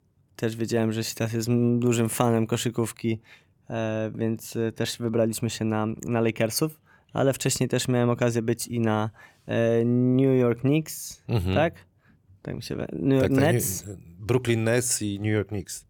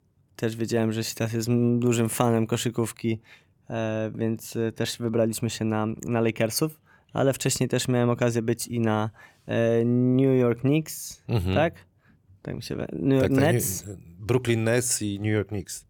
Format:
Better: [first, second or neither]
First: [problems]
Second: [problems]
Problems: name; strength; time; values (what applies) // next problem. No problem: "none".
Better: neither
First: none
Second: none